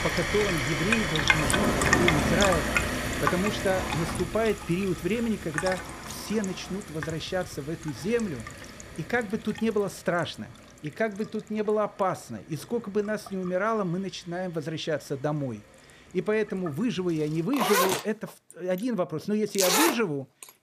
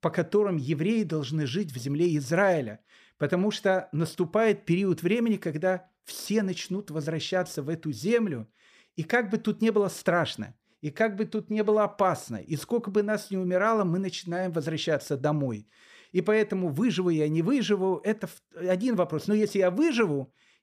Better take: second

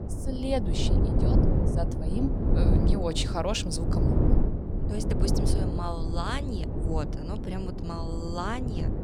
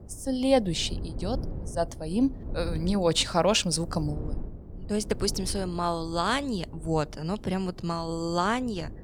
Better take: second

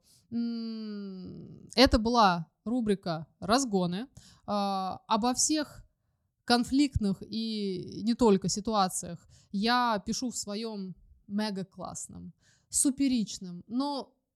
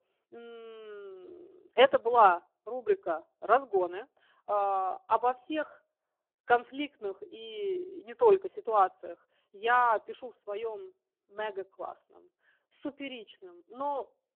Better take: first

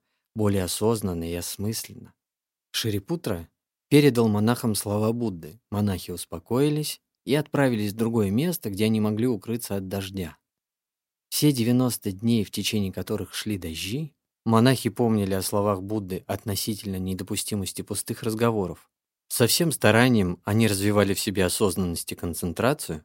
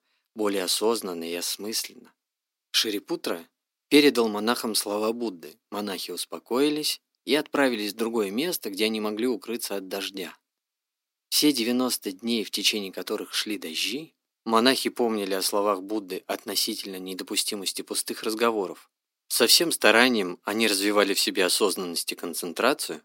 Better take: first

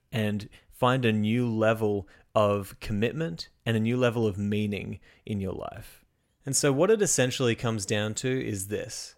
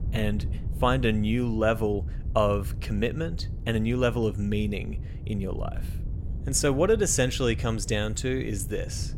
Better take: first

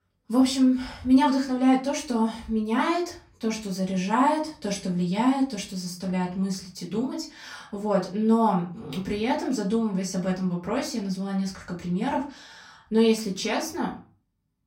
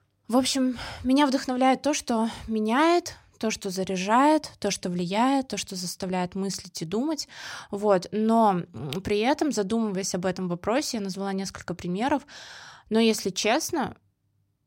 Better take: second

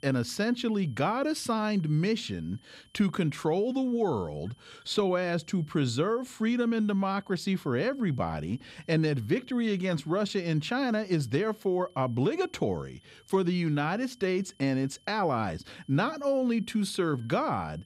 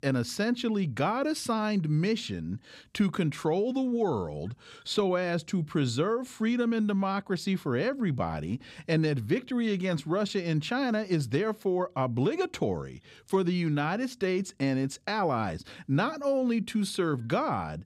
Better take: second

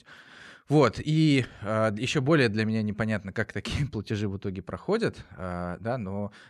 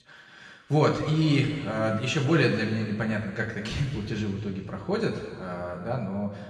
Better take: first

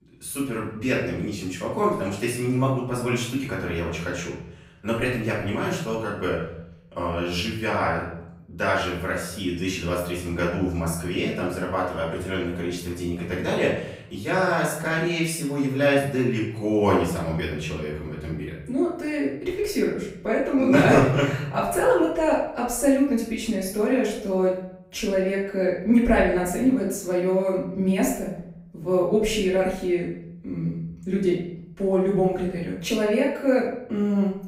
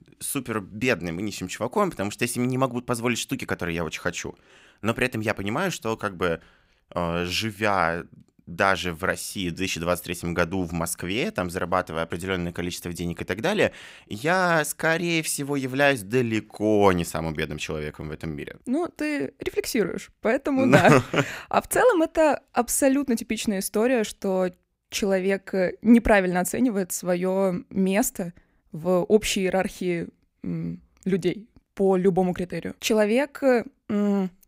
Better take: second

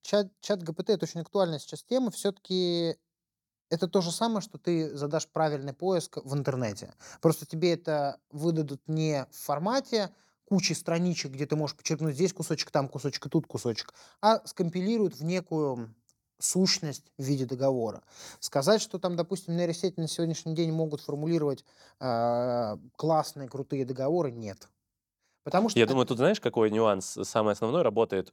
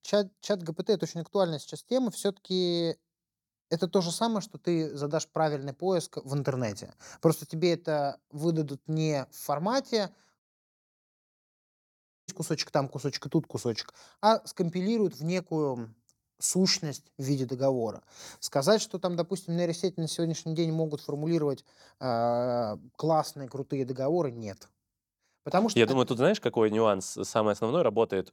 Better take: first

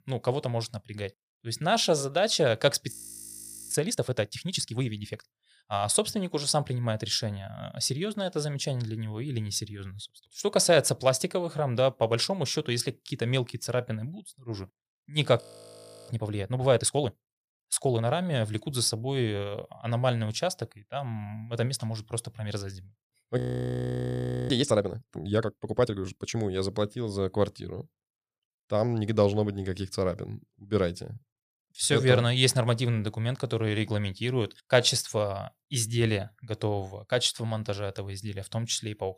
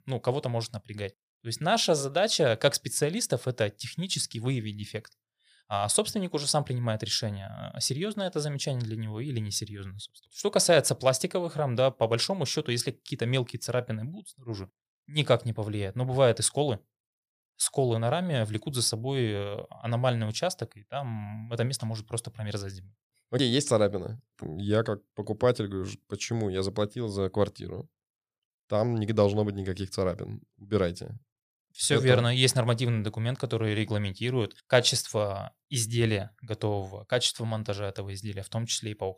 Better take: second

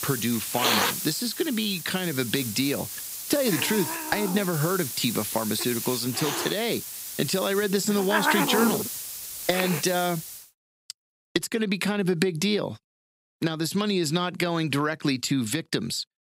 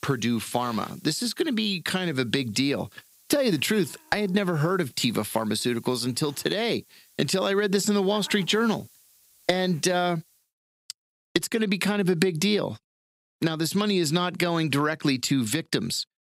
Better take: second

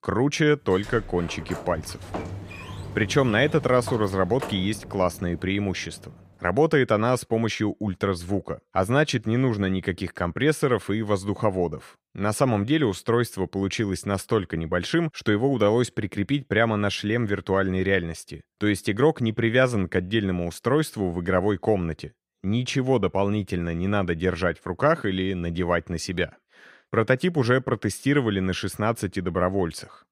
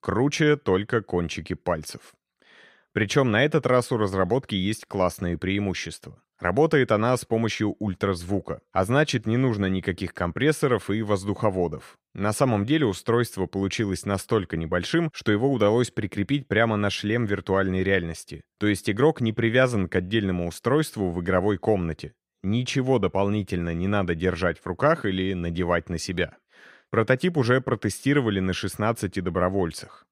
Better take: second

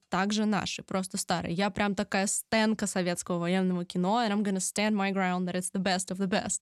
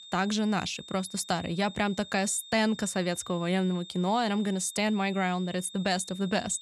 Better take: first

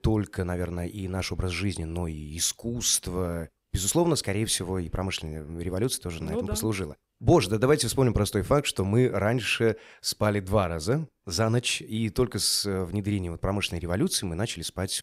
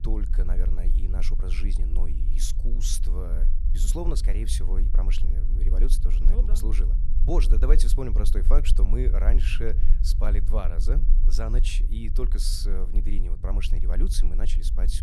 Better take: first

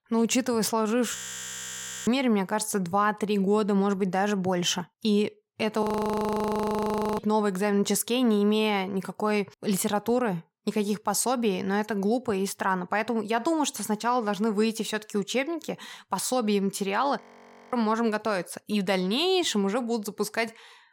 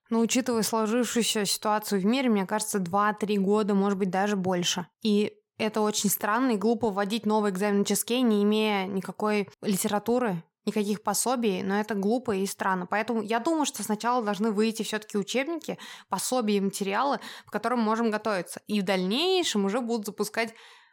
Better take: second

